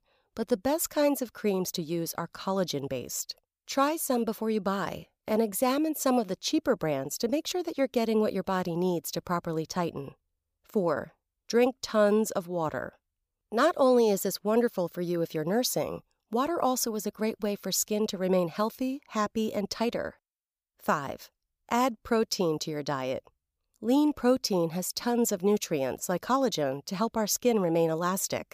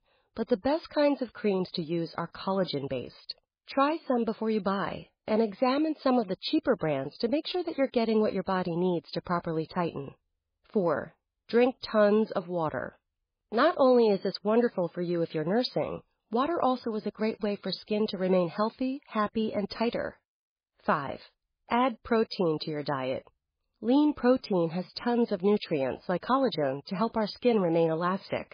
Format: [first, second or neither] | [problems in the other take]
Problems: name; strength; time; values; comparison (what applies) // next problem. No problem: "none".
first | garbled, watery; badly; nothing above 5 kHz